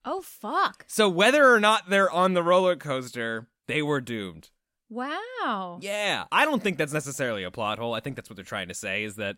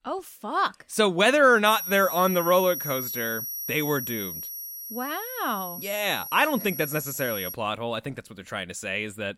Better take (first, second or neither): first